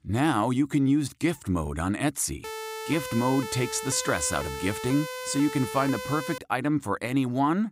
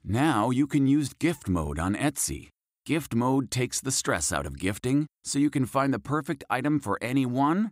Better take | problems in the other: second | siren; noticeable; from 2.5 to 6.5 s; peak 8 dB below the speech

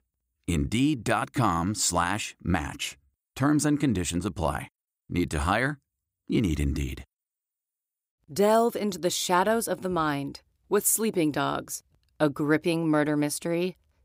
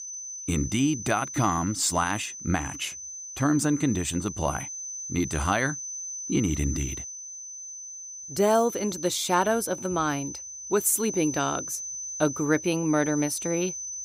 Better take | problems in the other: first | high-pitched whine; loud; throughout; 6 kHz, 8 dB below the speech

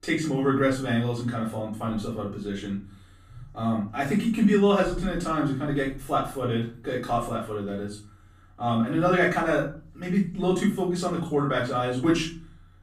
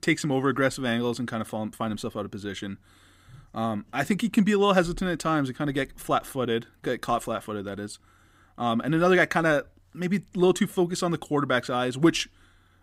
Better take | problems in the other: second | off-mic speech; far // room echo; noticeable; dies away in 0.5 s

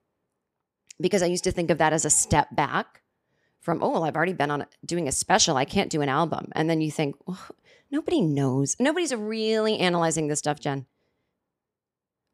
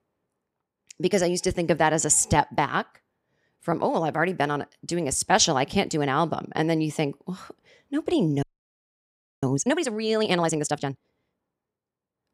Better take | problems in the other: first | audio freezing; at 8.5 s for 1 s

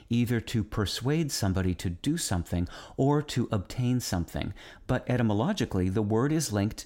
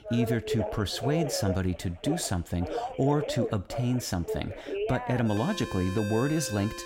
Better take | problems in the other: first | alarms or sirens; loud; throughout; 6 dB below the speech

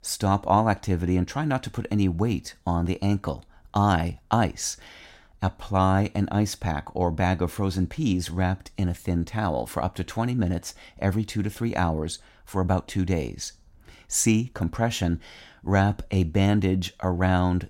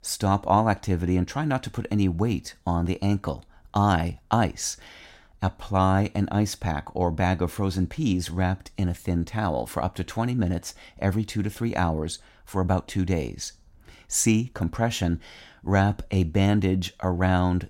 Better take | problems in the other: neither | none

